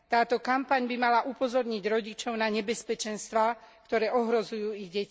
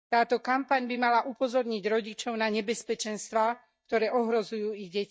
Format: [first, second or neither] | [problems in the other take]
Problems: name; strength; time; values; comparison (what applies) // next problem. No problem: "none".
first | noise reduction (neural mask model DeepFilterNet 3)